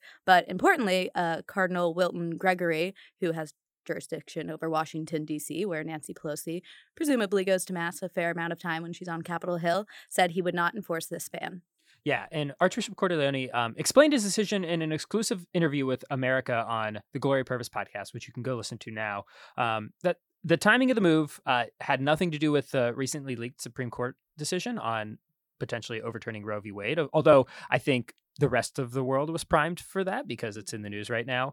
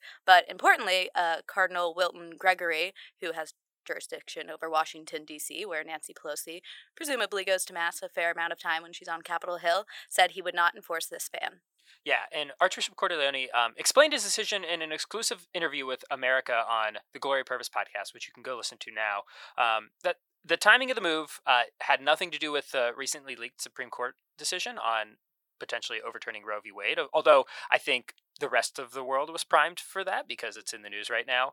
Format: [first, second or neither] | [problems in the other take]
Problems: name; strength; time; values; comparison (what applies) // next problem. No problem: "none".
first | thin; very; fading below 750 Hz